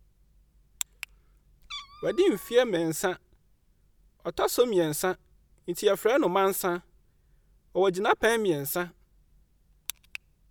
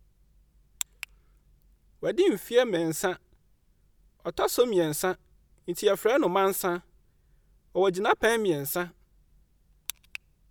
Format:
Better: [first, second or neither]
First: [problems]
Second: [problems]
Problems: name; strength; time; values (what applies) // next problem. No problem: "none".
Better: second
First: background sound (Meow); 17 dB below the speech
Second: none